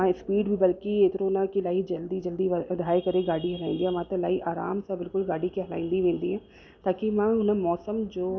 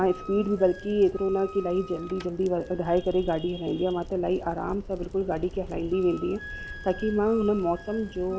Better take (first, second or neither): first